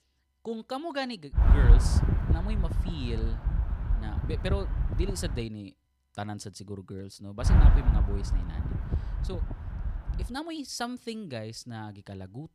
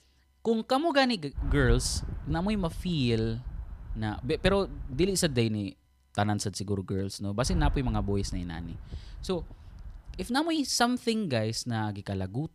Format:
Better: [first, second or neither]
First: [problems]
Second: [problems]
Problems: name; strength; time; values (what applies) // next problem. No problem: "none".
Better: second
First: wind noise on the microphone; heavy; from 1.5 to 5.5 s and from 7.5 to 10 s; 3 dB below the speech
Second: wind noise on the microphone; occasional gusts; from 1.5 to 5.5 s and from 7.5 to 10 s; 20 dB below the speech